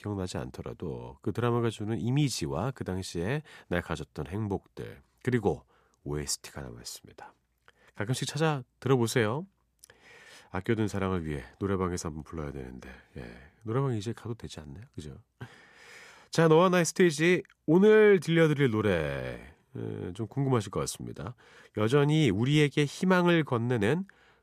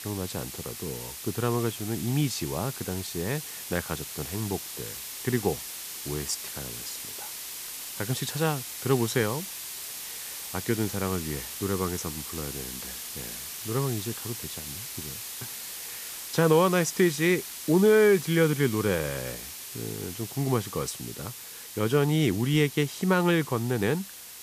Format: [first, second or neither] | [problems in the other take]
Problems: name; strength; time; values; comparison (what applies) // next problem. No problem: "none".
first | hiss; loud; throughout; 8 dB below the speech